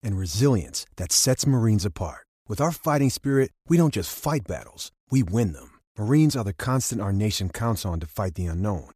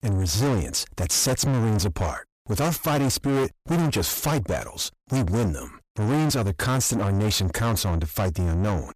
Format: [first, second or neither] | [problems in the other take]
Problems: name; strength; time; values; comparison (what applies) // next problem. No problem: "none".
first | distortion; heavy; 5 dB below the speech